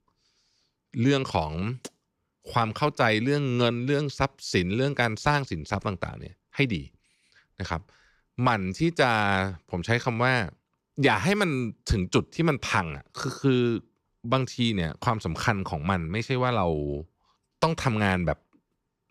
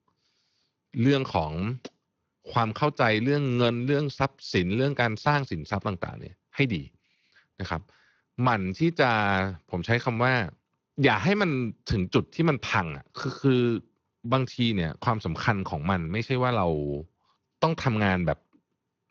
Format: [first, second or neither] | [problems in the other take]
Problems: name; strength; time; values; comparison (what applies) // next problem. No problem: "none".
first | garbled, watery; slightly